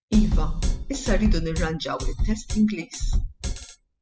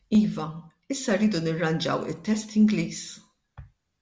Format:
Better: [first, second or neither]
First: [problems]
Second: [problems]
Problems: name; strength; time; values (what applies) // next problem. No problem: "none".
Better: second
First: noise reduction (classical method spectral subtraction)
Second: none